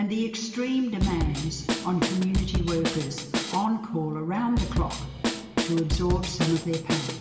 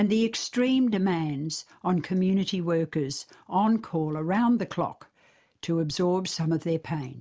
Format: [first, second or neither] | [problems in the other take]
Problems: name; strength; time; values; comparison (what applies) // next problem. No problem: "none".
second | background sound (Drum kit); 1 dB below the speech // room echo; dies away in 2.1 s